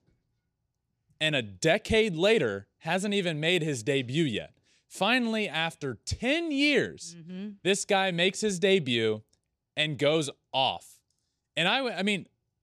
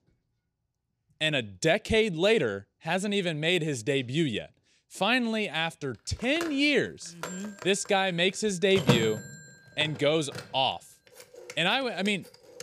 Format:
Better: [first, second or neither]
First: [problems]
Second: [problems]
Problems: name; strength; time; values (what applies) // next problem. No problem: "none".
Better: first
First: none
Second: phone ringing; loud; from 6.5 to 9 s; peak 1 dB above the speech